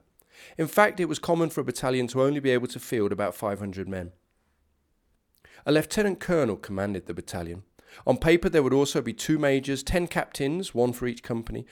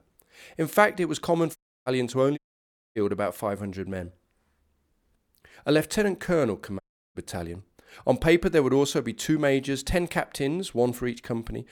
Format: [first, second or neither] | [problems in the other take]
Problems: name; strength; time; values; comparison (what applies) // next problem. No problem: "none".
first | audio cutting out; at 1.5 s, at 2.5 s for 0.5 s and at 7 s